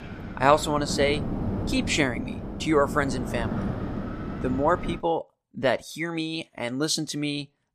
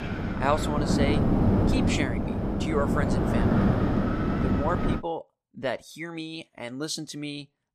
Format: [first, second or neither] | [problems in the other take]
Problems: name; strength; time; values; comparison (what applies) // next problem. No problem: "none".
first | wind noise on the microphone; heavy; until 5 s; 1 dB above the speech; occasional gusts in the first